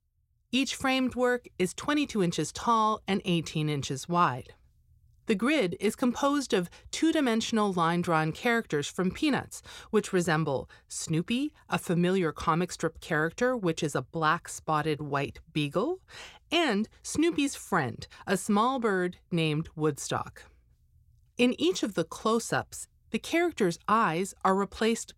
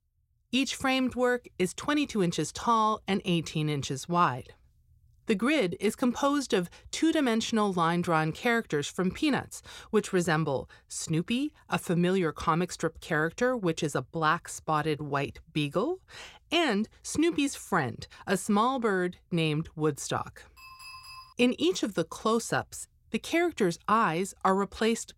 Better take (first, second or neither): first